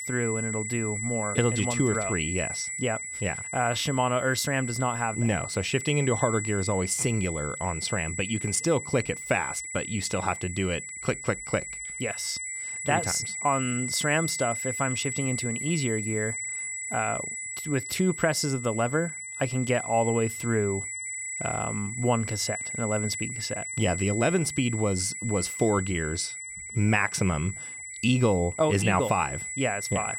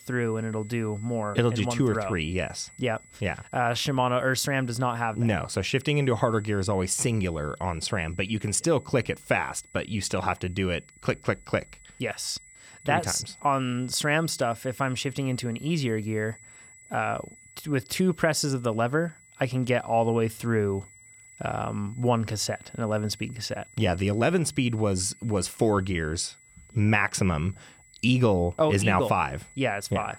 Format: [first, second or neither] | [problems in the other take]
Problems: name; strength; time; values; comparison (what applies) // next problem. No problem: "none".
second | high-pitched whine; loud; throughout; 8 kHz, 5 dB below the speech; faint in the second